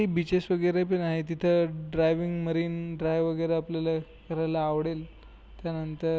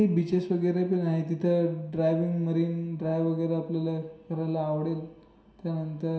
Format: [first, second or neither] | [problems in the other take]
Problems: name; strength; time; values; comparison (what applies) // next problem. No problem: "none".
first | room echo; dies away in 0.7 s